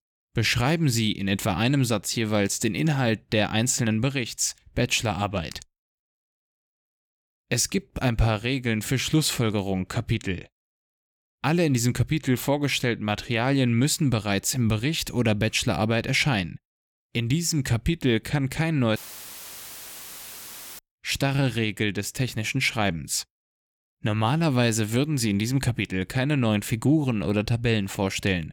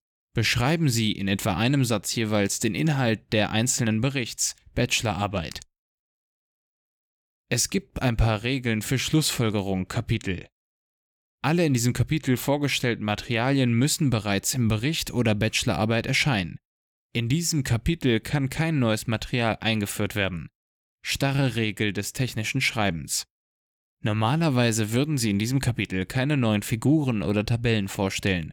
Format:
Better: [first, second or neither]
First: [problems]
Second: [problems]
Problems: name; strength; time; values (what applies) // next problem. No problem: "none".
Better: second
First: audio cutting out; filled with static; at 19 s for 2 s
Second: none